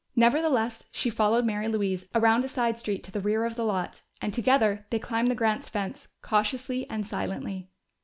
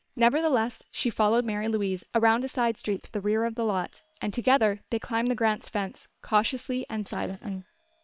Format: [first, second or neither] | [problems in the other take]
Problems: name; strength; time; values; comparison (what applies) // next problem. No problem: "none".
first | noise reduction (neural separator model SepFormer WHAM!)